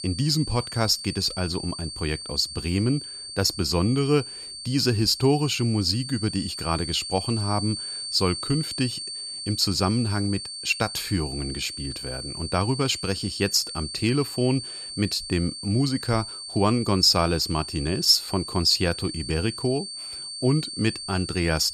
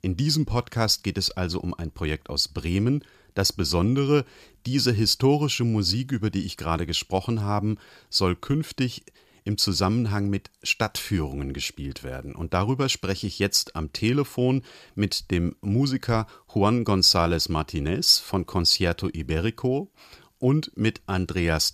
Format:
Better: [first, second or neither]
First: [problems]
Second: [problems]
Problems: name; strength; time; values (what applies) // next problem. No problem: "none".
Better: second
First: high-pitched whine; loud; throughout; 4.5 kHz, 8 dB below the speech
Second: none